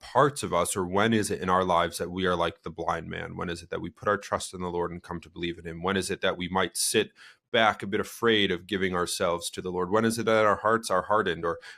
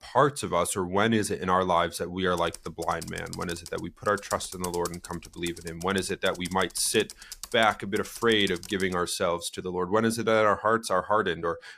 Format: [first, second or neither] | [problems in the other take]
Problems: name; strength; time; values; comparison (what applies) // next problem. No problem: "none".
first | keyboard typing; faint; from 2.5 to 9 s; peak 10 dB below the speech